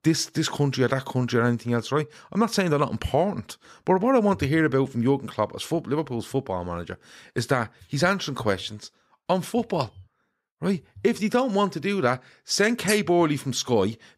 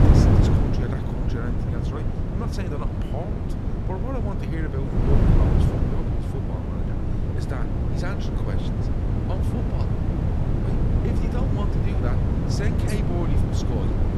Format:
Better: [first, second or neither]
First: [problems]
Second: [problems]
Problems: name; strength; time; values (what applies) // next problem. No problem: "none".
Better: first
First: none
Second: wind noise on the microphone; heavy; 4 dB above the speech